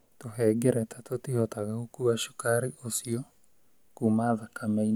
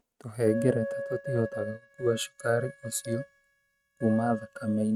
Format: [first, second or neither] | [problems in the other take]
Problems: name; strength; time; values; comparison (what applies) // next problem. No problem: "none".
first | noise reduction (neural mask model RNNoise)